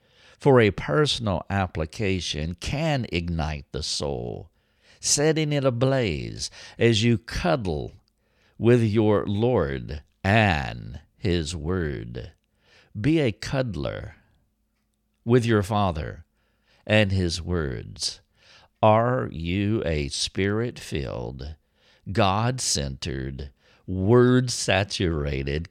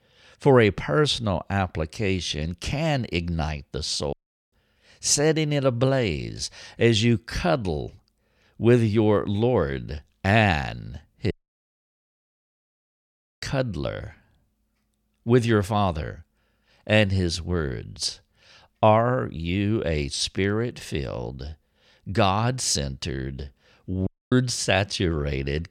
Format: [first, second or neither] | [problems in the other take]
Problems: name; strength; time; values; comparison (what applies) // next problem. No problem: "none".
first | audio cutting out; at 4 s, at 11 s for 2 s and at 24 s